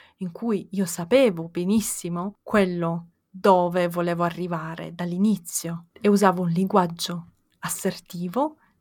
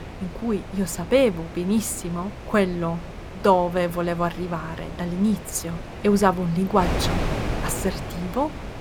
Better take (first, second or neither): first